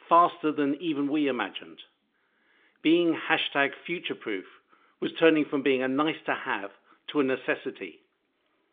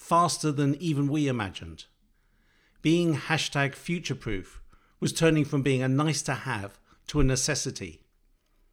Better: second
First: phone-call audio; nothing above 3.5 kHz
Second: none

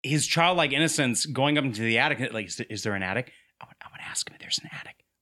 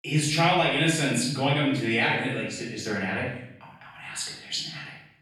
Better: first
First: none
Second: off-mic speech; far // room echo; noticeable; dies away in 0.7 s

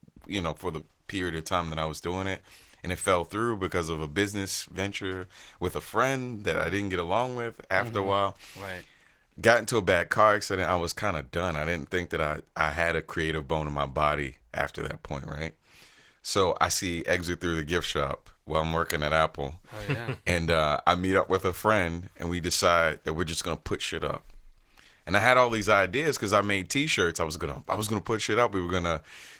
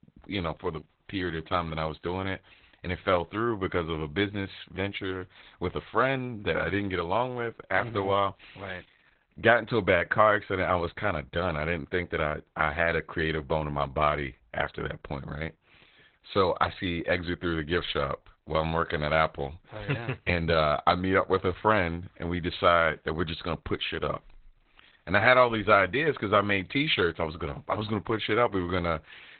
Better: first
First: garbled, watery; slightly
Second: garbled, watery; badly; nothing above 4 kHz

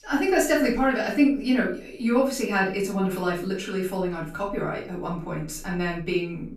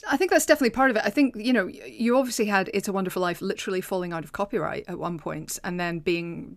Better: second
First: off-mic speech; far // room echo; slight; dies away in 0.3 s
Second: none

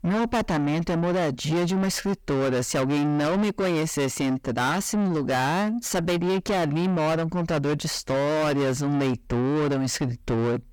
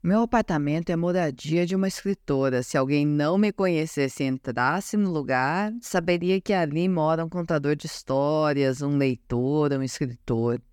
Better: second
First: distortion; heavy; 7 dB below the speech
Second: none

